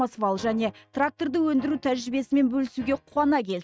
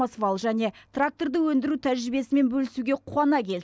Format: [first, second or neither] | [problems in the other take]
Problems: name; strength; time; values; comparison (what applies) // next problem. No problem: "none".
second | noise reduction (neural mask model RNNoise)